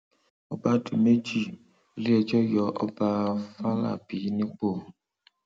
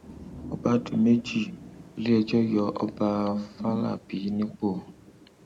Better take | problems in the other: first | background sound (Thunder / Rain); 18 dB below the speech

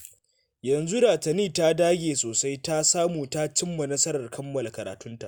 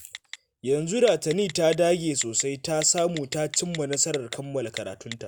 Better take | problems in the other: first | background sound (Telephone); 17 dB below the speech

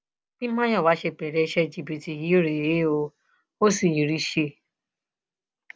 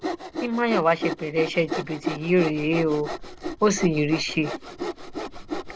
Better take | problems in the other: first | background sound (Sawing); 7 dB below the speech

